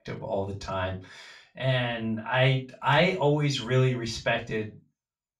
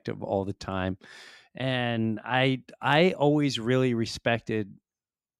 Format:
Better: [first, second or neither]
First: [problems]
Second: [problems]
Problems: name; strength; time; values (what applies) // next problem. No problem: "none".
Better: second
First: room echo; very slight; dies away in 0.2 s // off-mic speech; far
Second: none